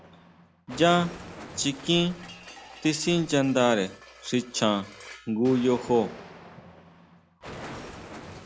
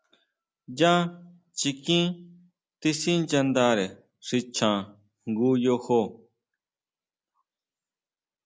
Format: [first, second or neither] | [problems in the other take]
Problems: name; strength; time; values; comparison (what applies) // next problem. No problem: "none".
second | background sound (Explosion); 16 dB below the speech